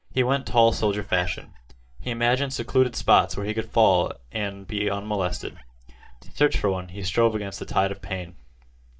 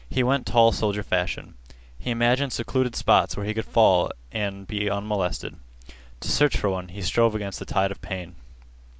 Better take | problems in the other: second | noise reduction (neural mask model DeepFilterNet 3)

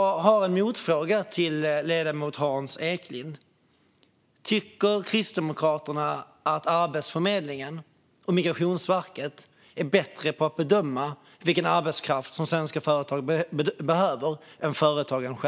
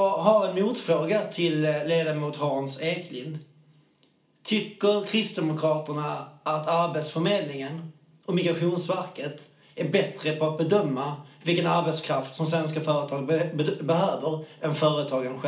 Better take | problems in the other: first | room echo; dies away in 0.4 s

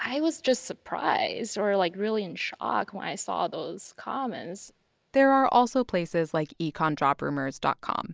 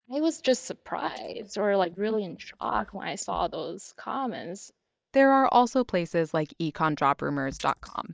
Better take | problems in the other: first | noise reduction (neural mask model DeepFilterNet 3)

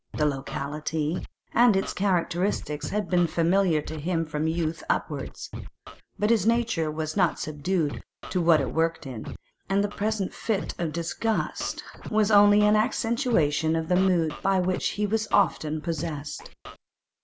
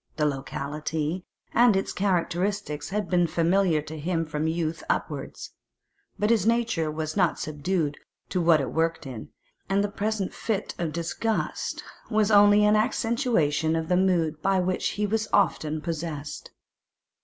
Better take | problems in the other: second | background sound (Scratching (performance technique)); 15 dB below the speech

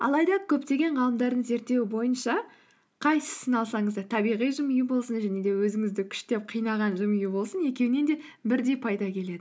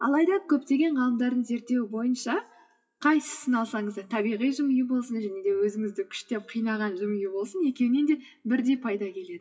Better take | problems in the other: first | noise reduction (classical method WPE with log-MMSE)

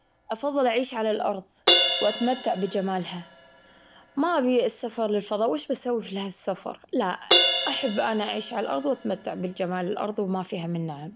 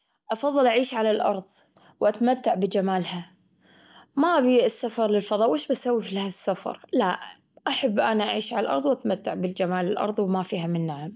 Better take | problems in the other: second | background sound (Crash cymbal); 3 dB below the speech

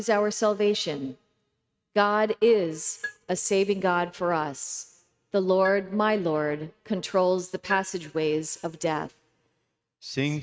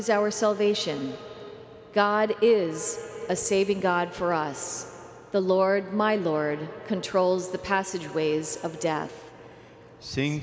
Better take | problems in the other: second | noise reduction (neural mask model RNNoise)

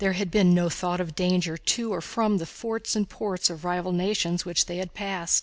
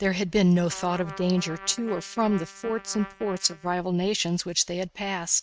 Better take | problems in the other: first | noise reduction (neural mask model RNNoise)

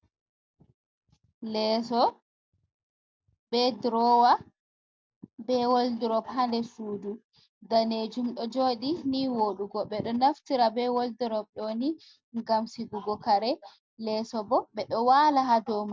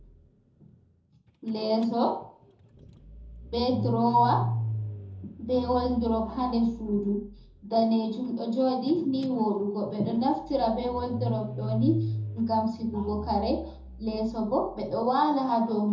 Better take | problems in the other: first | background sound (Engine starting / Car); 9 dB below the speech // room echo; dies away in 0.5 s

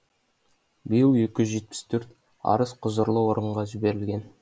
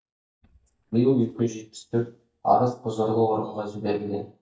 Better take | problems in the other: first | noise reduction (neural mask model DeepFilterNet 3)

